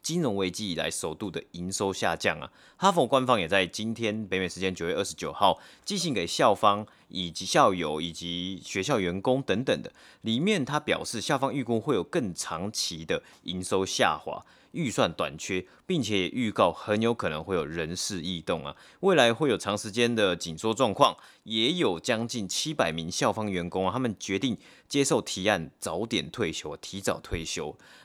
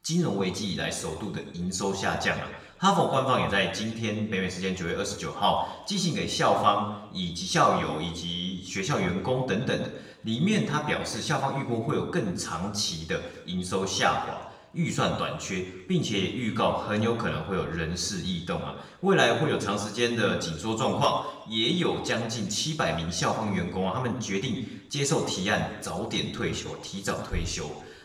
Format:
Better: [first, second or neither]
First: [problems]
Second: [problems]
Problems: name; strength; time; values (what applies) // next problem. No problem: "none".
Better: first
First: none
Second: room echo; slight; dies away in 0.8 s // off-mic speech; somewhat distant